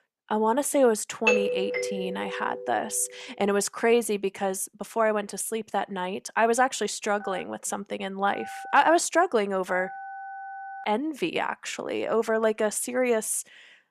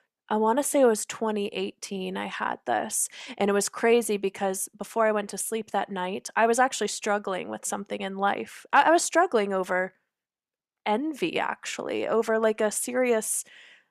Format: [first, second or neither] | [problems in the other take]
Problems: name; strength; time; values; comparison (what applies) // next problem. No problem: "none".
second | doorbell; loud; from 1.5 to 2.5 s; peak 3 dB above the speech // phone ringing; faint; from 7 to 11 s; peak 10 dB below the speech